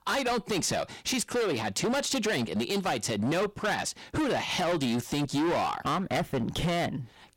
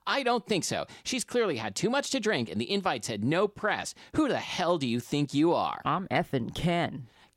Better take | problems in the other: second | distortion; heavy; 22% of the sound clipped

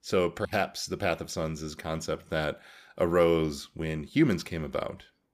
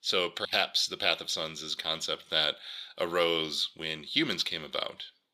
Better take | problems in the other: first | thin; somewhat; fading below 700 Hz

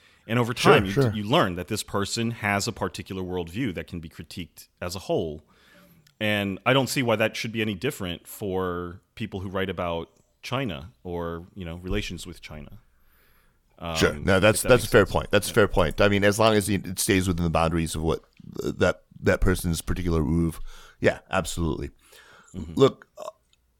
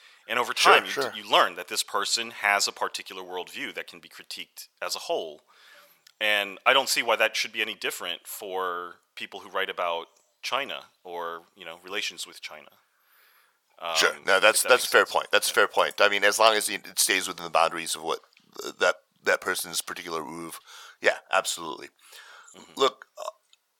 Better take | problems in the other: first | thin; very; fading below 750 Hz

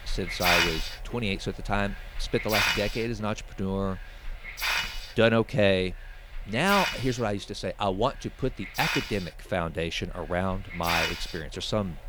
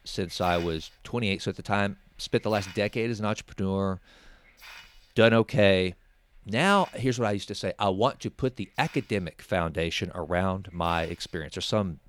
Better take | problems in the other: second | hiss; loud; throughout; as loud as the speech; faint in the second

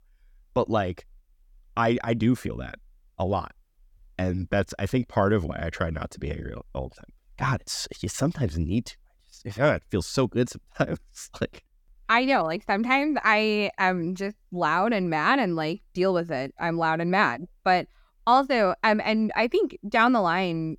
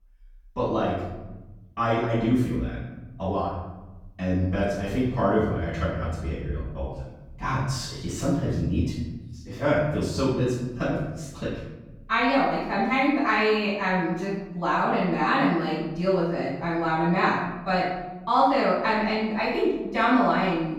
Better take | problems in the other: first | off-mic speech; far // room echo; noticeable; dies away in 1 s

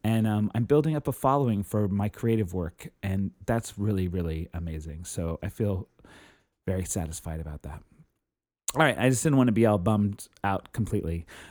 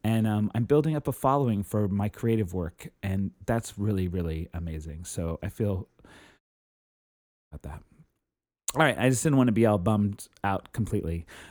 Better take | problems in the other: first | audio cutting out; at 6.5 s for 1 s

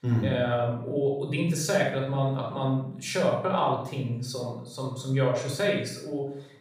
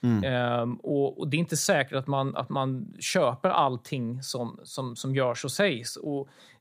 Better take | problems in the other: second | off-mic speech; somewhat distant // room echo; noticeable; dies away in 0.6 s

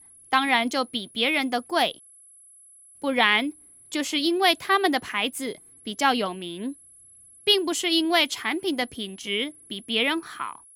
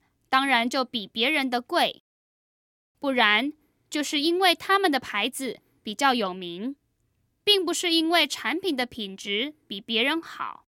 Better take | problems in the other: second | high-pitched whine; faint; throughout; 11 kHz, 25 dB below the speech

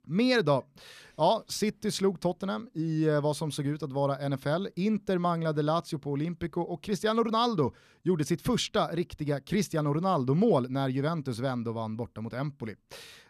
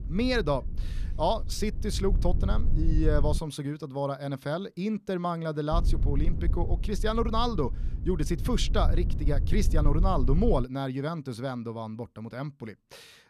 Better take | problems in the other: first | low rumble; noticeable; until 3.5 s and from 5.5 to 11 s; 15 dB below the speech

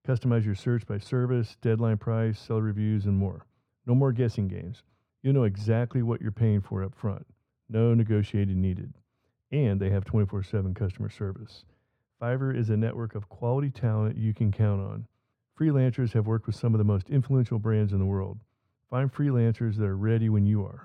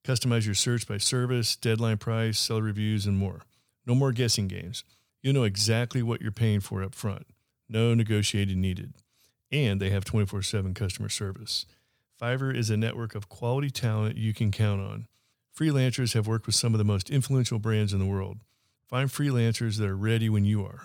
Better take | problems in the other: second | muffled; very; fading above 3 kHz

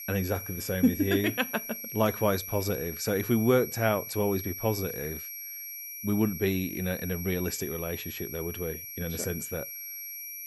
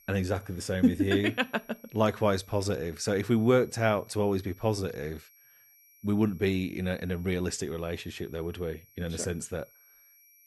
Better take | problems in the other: second | high-pitched whine; loud; throughout; 11.5 kHz, 7 dB below the speech; faint in the second

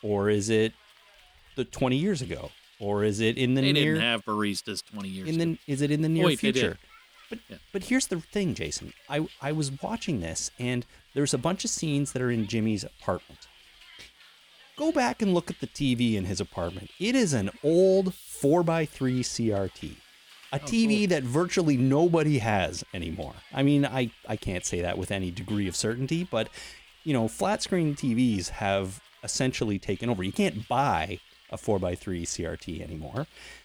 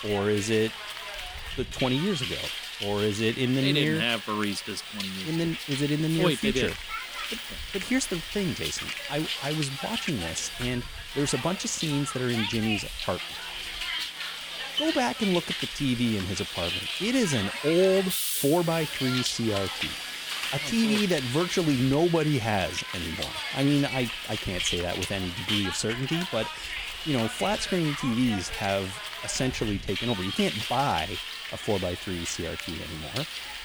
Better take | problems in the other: first | hiss; loud; throughout; 4 dB below the speech; faint in the first

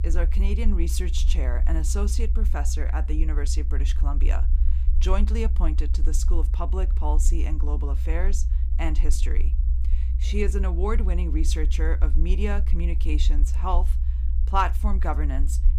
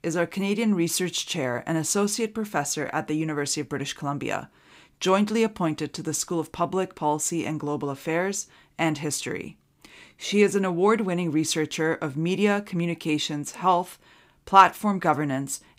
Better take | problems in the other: second | low rumble; noticeable; throughout; 15 dB below the speech

